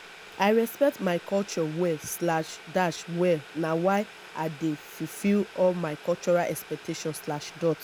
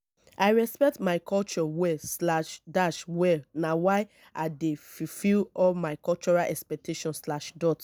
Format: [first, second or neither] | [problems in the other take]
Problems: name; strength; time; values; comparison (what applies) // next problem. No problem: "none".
second | background sound (Boiling); 18 dB below the speech